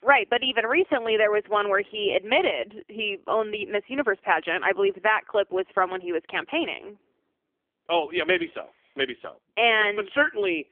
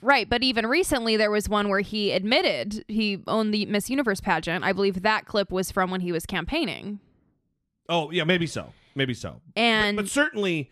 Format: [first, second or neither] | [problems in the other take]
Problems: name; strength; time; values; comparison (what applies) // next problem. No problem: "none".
second | phone-call audio; poor line; nothing above 3.5 kHz